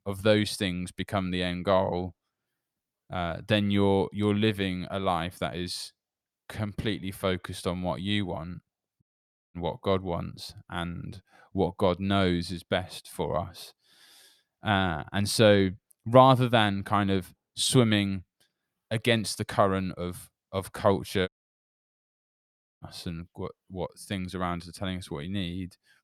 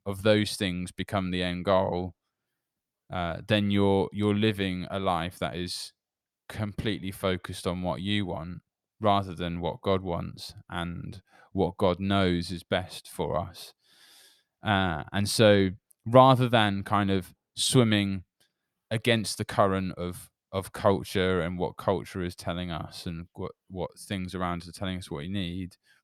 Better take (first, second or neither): second